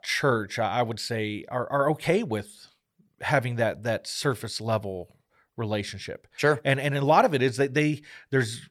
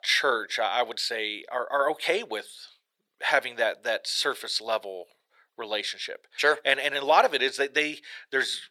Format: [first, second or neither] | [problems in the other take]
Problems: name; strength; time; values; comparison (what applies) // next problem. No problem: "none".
first | thin; very; fading below 450 Hz